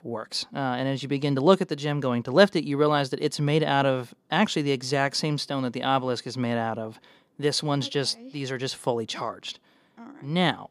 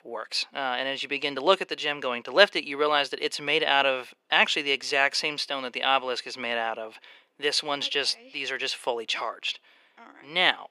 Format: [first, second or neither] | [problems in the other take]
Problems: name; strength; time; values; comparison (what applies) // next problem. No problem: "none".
first | thin; somewhat; fading below 500 Hz